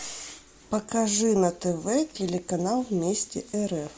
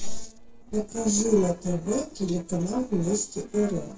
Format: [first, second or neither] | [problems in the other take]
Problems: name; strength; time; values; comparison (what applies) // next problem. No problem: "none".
first | noise reduction (neural separator model SepFormer DNS4)